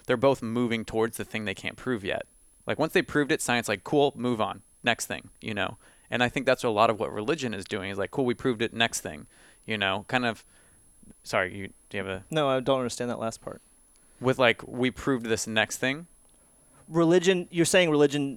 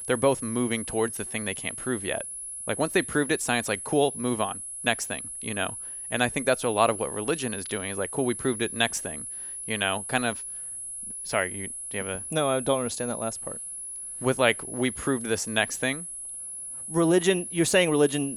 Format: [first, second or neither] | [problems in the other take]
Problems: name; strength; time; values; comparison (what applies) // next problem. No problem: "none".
first | high-pitched whine; loud; throughout; 10.5 kHz, 7 dB below the speech; faint in the first